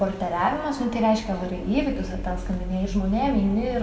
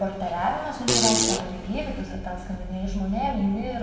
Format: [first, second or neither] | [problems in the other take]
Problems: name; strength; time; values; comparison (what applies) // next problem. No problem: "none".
first | background sound (Fart); 1 dB above the speech // room echo; dies away in 1.2 s